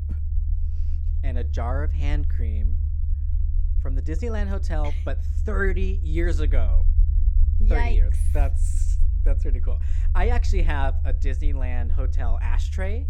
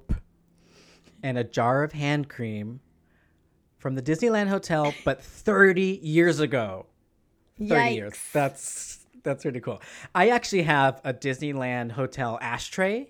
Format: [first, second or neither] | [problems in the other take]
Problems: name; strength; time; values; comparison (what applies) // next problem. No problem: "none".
second | low rumble; noticeable; throughout; 10 dB below the speech